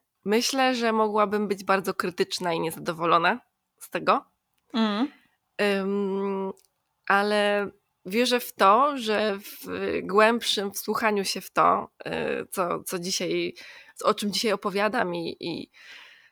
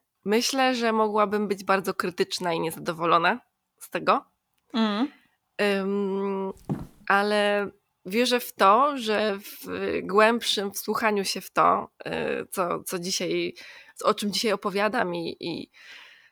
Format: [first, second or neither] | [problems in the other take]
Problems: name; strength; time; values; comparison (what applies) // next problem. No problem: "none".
first | footsteps; noticeable; at 6.5 s; peak 9 dB below the speech